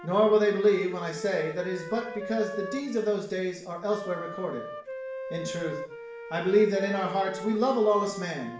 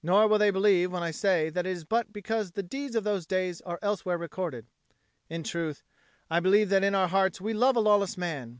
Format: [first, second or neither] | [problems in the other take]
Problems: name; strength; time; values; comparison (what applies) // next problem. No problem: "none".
second | background sound (Wind instrument, woodwind instrument); 12 dB below the speech // room echo; dies away in 0.6 s